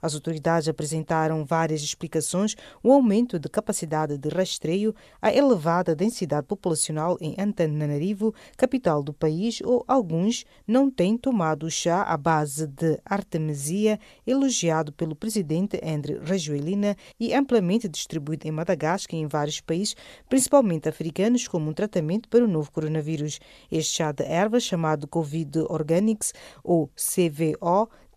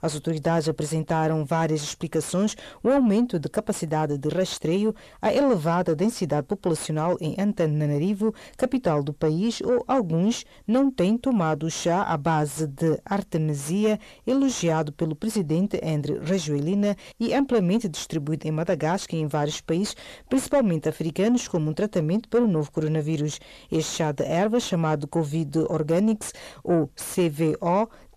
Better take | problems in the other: first | distortion; slight; 10 dB below the speech

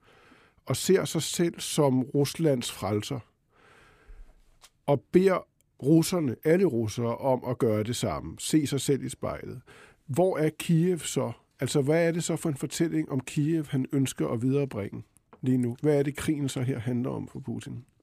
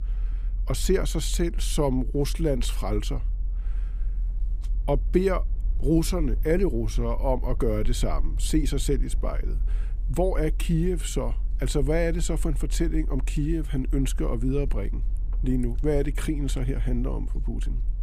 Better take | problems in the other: first | low rumble; faint; throughout; 25 dB below the speech

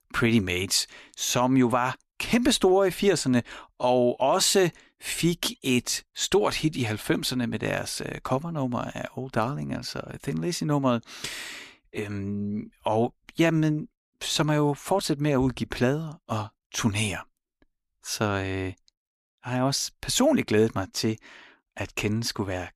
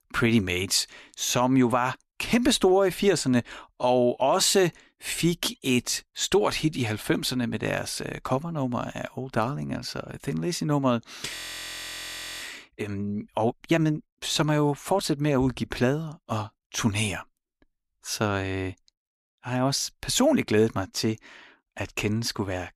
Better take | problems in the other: first | audio freezing; at 11 s for 1 s

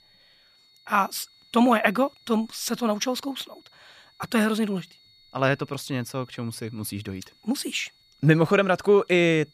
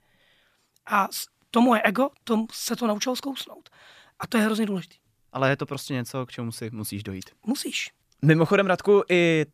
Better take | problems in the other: second | high-pitched whine; faint; throughout; 4.5 kHz, 30 dB below the speech

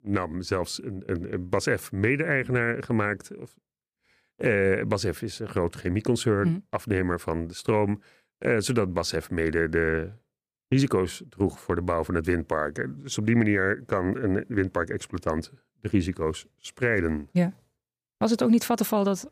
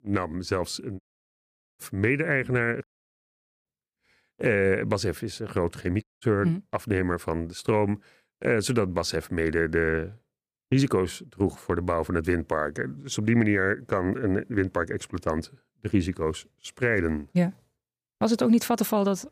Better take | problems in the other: first | audio cutting out; at 1 s for 1 s, at 3 s for 1 s and at 6 s

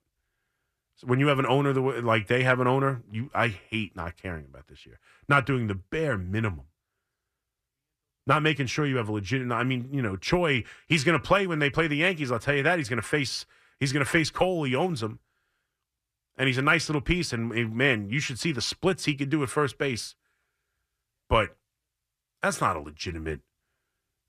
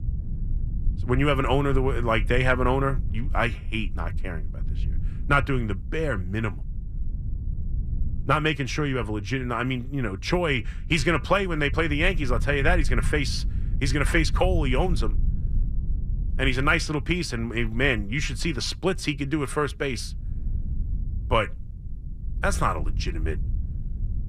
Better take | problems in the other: first | low rumble; faint; throughout; 25 dB below the speech

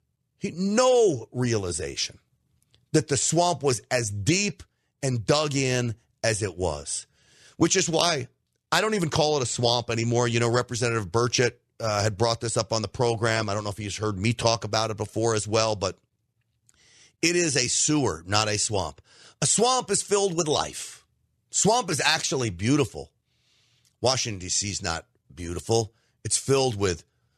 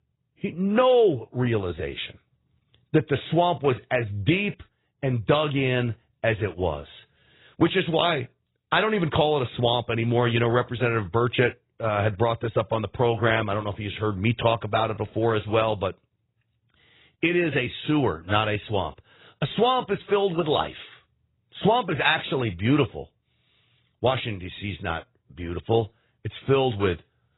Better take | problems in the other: first | garbled, watery; badly; nothing above 4 kHz

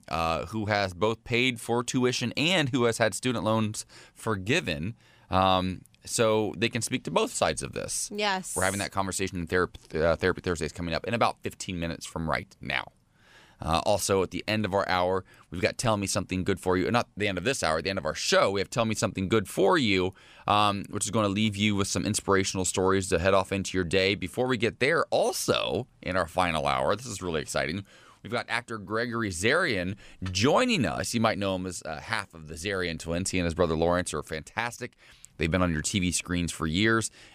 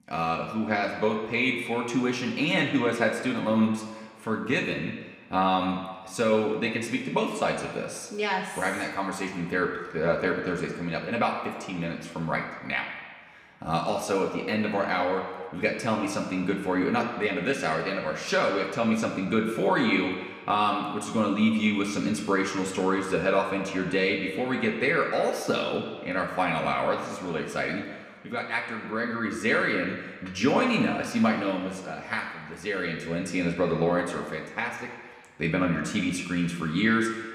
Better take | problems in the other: first | room echo; noticeable; dies away in 1.7 s // off-mic speech; somewhat distant

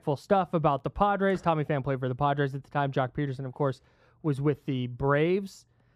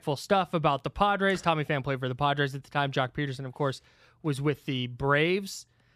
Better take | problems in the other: second | muffled; slightly; fading above 1.5 kHz

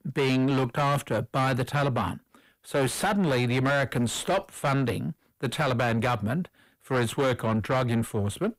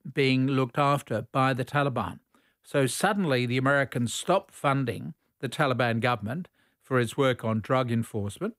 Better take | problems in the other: second | distortion; heavy; 7 dB below the speech

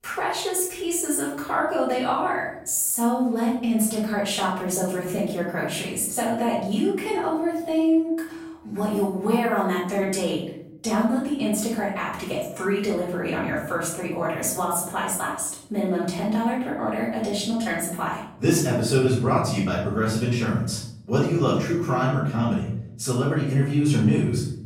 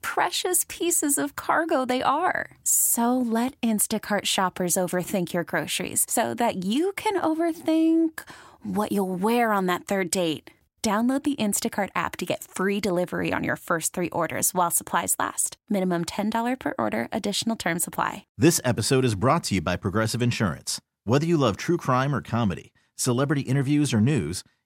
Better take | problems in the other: second | off-mic speech; far // room echo; noticeable; dies away in 0.8 s

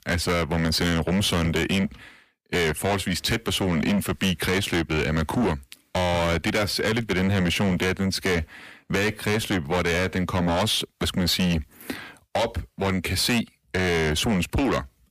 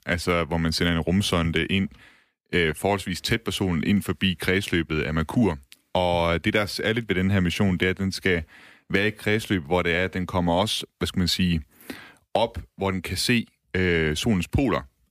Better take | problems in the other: second | distortion; heavy; 7 dB below the speech

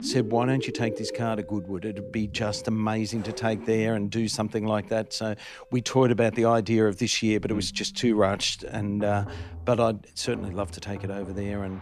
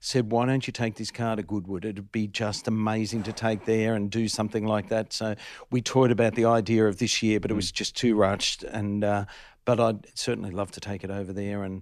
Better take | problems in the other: second | background music; noticeable; throughout; 15 dB below the speech

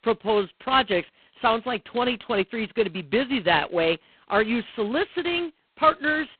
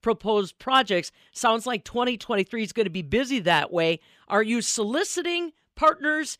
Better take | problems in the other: second | phone-call audio; poor line; nothing above 4 kHz

